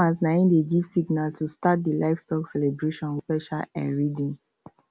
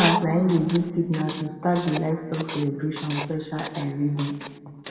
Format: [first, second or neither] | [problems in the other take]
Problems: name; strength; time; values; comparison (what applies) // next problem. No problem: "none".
first | background sound (Writing); 9 dB below the speech // room echo; dies away in 1.9 s